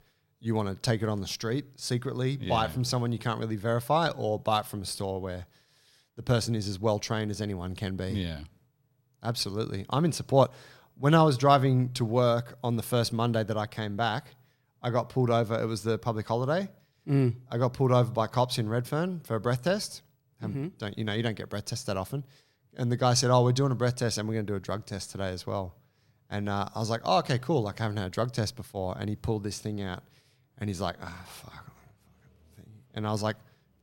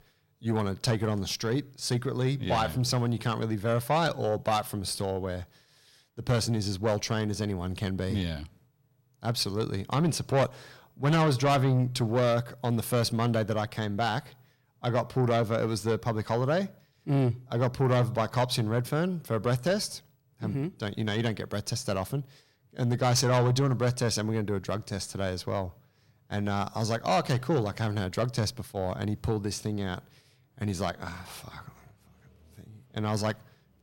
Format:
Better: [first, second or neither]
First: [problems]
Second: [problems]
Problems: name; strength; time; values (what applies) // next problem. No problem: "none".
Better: first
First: none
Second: distortion; slight; 10 dB below the speech